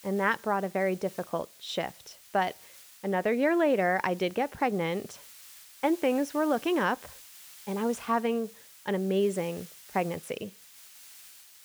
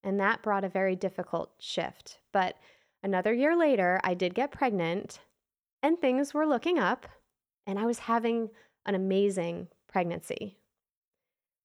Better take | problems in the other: second | hiss; noticeable; throughout; 20 dB below the speech

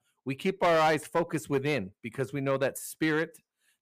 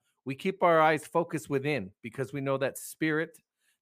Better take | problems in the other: second | distortion; slight; 4% of the sound clipped

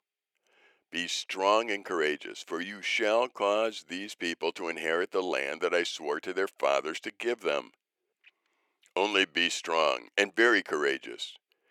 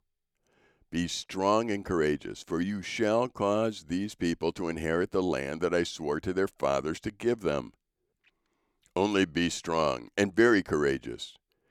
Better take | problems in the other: second | thin; somewhat; fading below 500 Hz

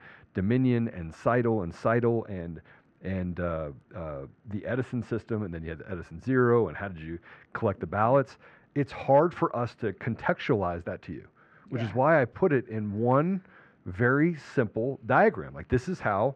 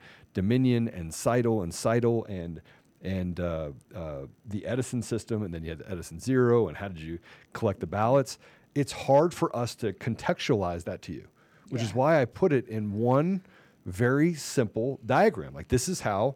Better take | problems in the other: second | muffled; very; fading above 2.5 kHz

